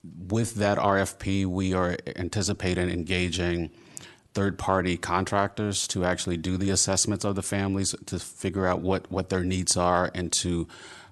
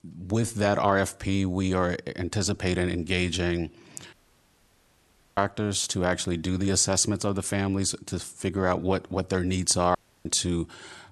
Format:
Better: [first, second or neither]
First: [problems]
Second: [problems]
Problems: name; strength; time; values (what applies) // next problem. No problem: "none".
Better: first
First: none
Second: audio cutting out; at 4 s for 1 s and at 10 s